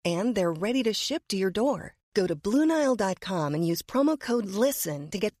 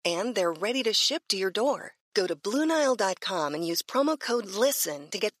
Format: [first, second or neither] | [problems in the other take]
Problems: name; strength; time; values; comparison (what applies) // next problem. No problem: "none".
first | thin; very slightly; fading below 400 Hz